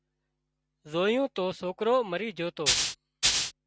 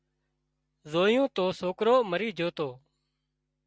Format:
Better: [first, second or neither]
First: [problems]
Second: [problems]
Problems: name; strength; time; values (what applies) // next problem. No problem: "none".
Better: second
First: background sound (Rattle (instrument)); 4 dB above the speech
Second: none